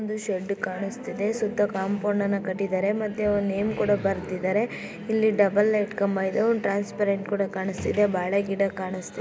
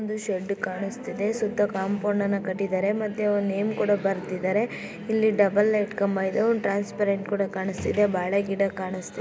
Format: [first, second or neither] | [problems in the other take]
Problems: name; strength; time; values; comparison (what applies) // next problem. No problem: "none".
second | background sound (Cough); 16 dB below the speech